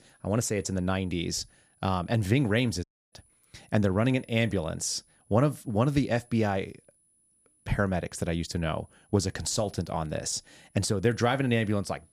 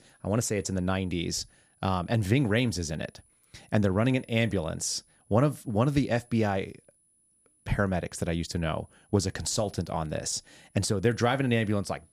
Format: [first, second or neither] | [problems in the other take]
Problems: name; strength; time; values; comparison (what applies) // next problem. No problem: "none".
second | audio cutting out; at 3 s